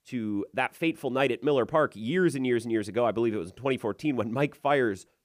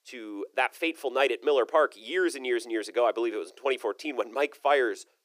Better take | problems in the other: first | thin; very; fading below 350 Hz

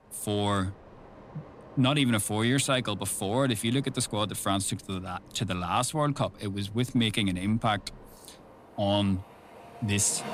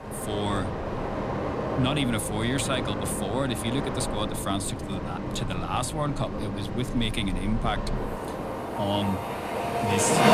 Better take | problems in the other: first | train or aircraft noise; loud; throughout; 1 dB below the speech; faint in the first

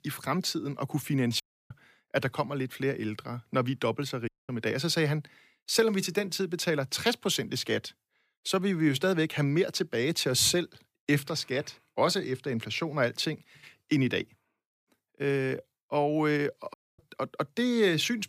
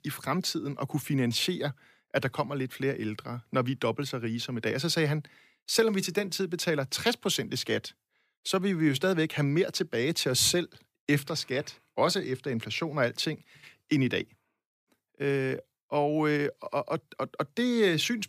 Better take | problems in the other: second | audio cutting out; at 1.5 s, at 4.5 s and at 17 s

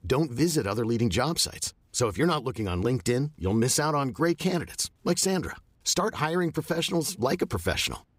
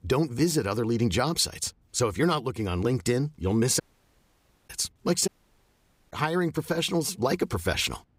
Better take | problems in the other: first | audio cutting out; at 4 s for 1 s and at 5.5 s for 1 s

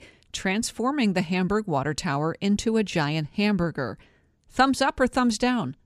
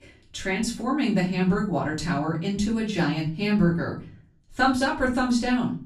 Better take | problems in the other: first | off-mic speech; far // room echo; slight; dies away in 0.4 s

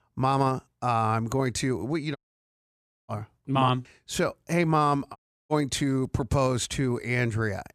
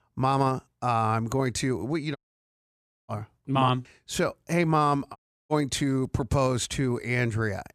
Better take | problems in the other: neither | audio cutting out; at 2 s for 1 s and at 5 s; the same in both

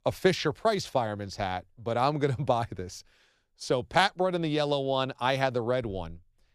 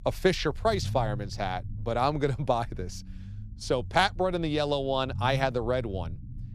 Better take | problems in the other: first | low rumble; faint; throughout; 25 dB below the speech

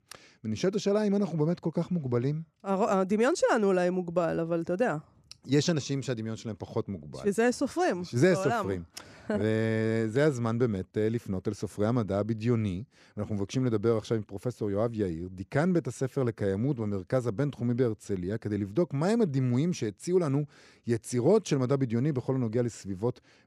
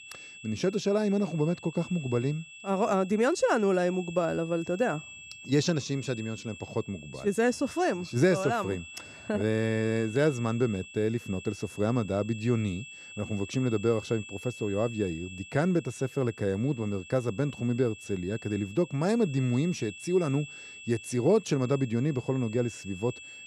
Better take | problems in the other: first | high-pitched whine; noticeable; throughout; 2.5 kHz, 15 dB below the speech

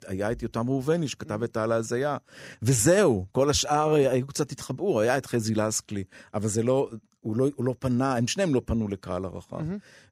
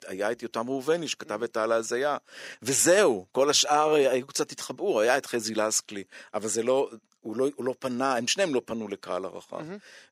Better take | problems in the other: first | thin; somewhat; fading below 350 Hz

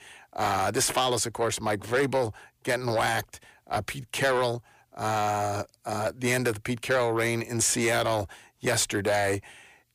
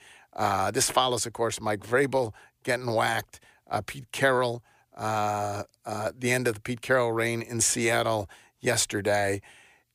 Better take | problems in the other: second | distortion; slight; 10 dB below the speech

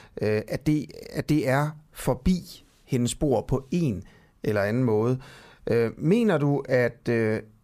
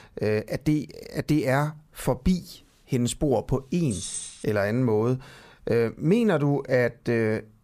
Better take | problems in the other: first | jangling keys; noticeable; at 4 s; peak 6 dB below the speech

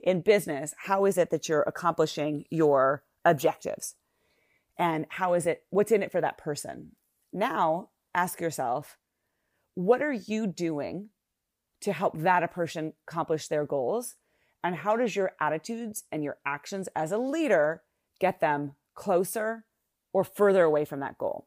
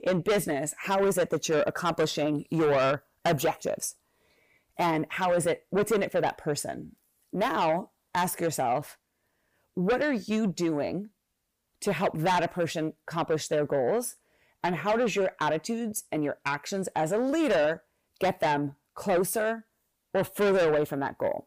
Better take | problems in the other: first | distortion; heavy; 8 dB below the speech

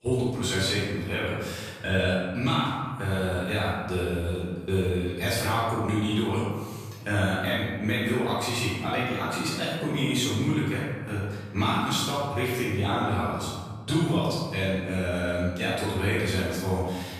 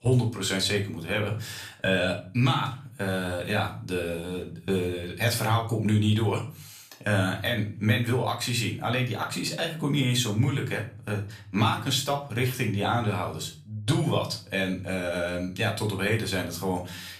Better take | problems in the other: second | room echo; strong; dies away in 1.4 s; slight in the second // off-mic speech; far; somewhat distant in the second

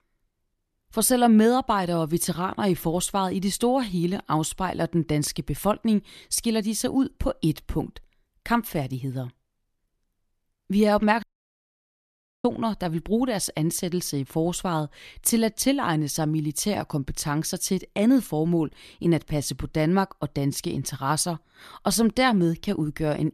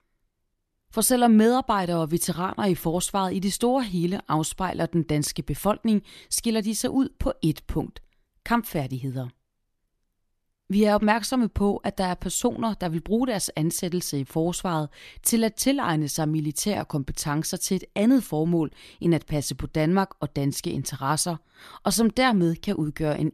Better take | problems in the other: second | audio cutting out; at 11 s for 1 s

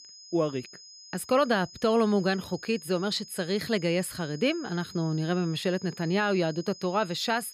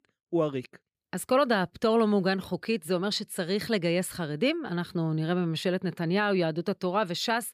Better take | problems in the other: second | high-pitched whine; noticeable; throughout; 5 kHz, 20 dB below the speech

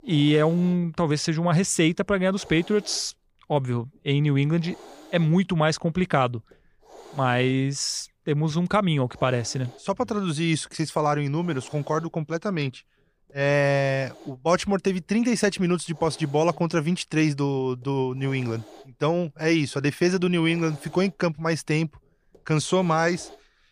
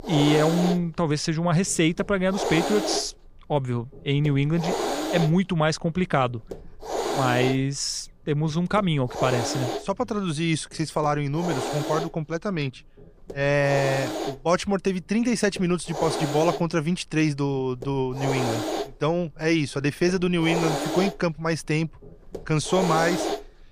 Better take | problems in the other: first | hiss; loud; throughout; 5 dB below the speech; faint in the first

